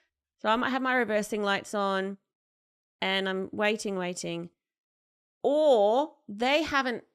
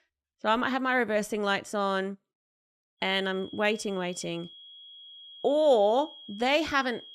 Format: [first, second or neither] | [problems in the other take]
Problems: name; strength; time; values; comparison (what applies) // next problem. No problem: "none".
first | high-pitched whine; noticeable; from 3 s on; 3.5 kHz, 20 dB below the speech